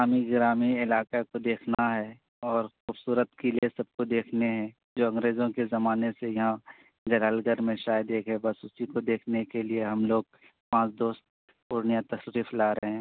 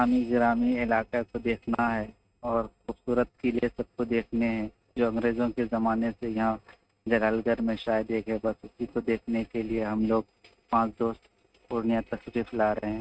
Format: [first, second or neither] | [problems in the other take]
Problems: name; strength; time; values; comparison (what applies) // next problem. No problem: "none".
first | noise reduction (neural mask model RNNoise)